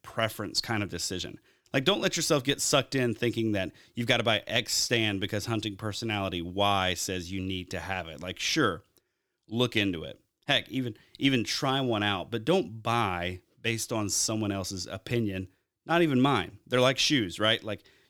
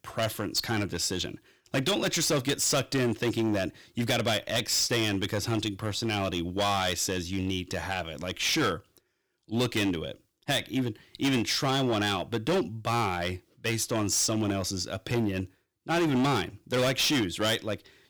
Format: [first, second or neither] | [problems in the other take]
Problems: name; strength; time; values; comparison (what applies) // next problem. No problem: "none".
first | distortion; heavy; 11% of the sound clipped